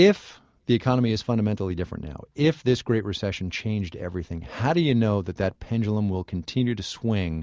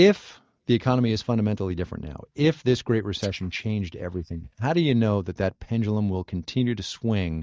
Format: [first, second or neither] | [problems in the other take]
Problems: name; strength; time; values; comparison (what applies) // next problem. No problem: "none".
first | noise reduction (neural mask model DeepFilterNet 3)